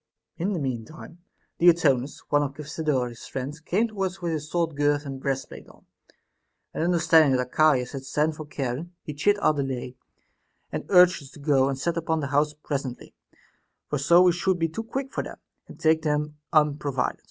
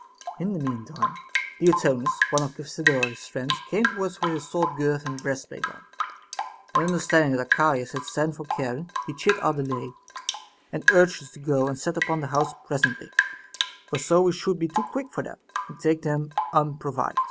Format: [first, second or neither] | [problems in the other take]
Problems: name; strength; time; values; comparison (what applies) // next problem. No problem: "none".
first | background sound (Drip / Rain); 4 dB below the speech